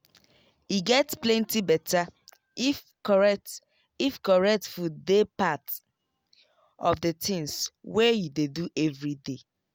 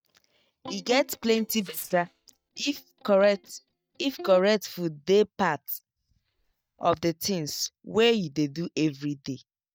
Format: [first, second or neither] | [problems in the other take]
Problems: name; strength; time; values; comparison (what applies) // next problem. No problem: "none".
first | noise reduction (neural mask model DeepFilterNet 3)